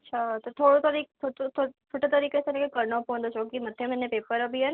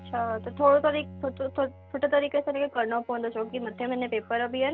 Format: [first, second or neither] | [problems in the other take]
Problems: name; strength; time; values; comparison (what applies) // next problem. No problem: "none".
first | background sound (Bowed string instrument); 19 dB below the speech